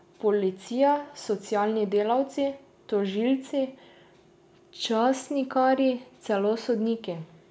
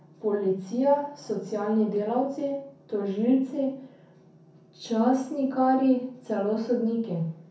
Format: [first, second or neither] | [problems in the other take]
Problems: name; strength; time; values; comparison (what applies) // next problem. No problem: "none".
first | room echo; dies away in 0.5 s